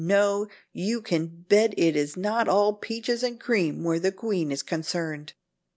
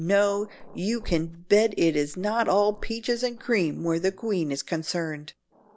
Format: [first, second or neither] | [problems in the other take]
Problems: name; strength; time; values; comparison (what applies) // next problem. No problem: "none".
first | background sound (Growling); 16 dB below the speech